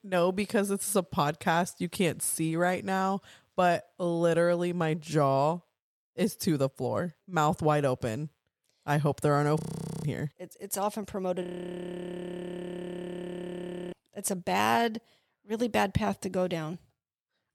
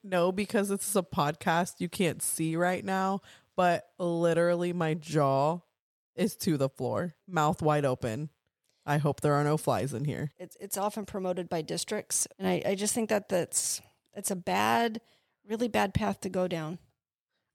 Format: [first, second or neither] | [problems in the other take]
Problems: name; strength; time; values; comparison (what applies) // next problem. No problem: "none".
second | audio freezing; at 9.5 s and at 11 s for 2.5 s